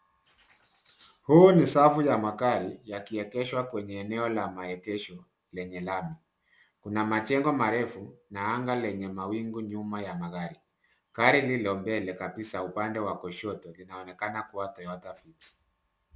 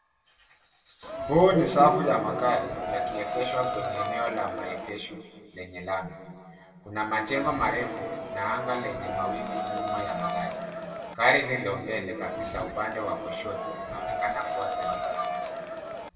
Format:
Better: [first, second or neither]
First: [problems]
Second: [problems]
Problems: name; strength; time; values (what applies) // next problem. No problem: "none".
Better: first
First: none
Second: background sound (Crowd); 4 dB below the speech // room echo; dies away in 2 s